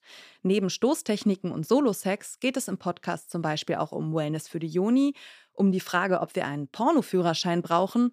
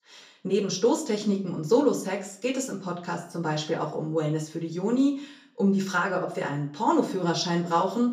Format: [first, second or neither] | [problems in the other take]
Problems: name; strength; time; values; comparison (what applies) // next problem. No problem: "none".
first | room echo; very slight; dies away in 0.4 s // off-mic speech; far